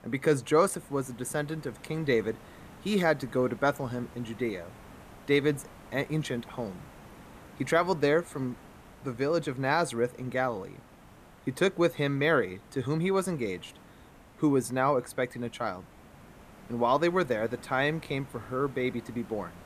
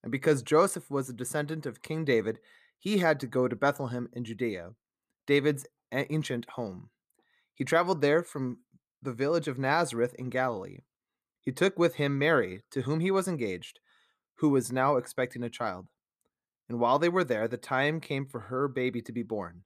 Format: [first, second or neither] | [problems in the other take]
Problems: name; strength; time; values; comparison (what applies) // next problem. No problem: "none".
second | hiss; faint; throughout; 20 dB below the speech